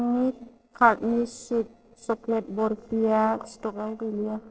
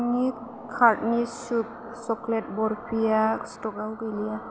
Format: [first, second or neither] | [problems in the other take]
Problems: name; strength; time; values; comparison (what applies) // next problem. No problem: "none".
second | noise reduction (neural separator model SepFormer DNS4)